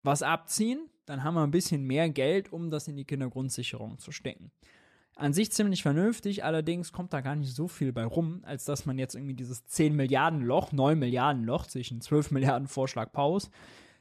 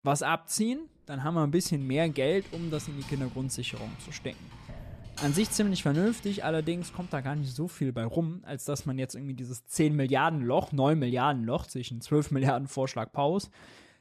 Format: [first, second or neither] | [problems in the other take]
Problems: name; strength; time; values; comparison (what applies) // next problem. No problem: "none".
first | keyboard typing; noticeable; from 1.5 to 7.5 s; peak 9 dB below the speech